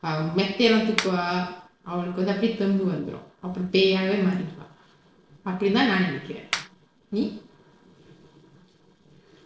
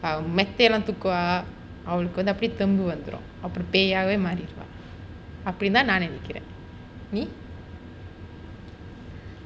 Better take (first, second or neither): second